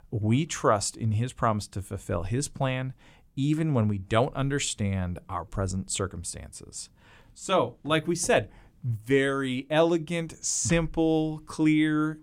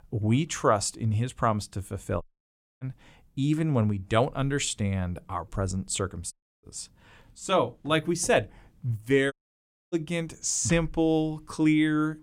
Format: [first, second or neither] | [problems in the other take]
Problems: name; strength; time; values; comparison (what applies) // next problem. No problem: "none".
first | audio cutting out; at 2 s for 0.5 s, at 6.5 s and at 9.5 s for 0.5 s